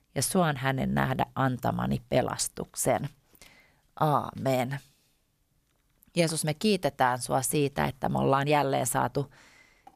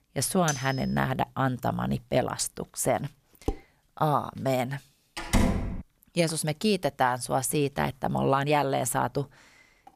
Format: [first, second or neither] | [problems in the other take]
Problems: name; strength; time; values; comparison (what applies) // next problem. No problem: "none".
first | clattering dishes; noticeable; at 0.5 s and at 3.5 s; peak 7 dB below the speech // door banging; loud; at 5 s; peak 2 dB above the speech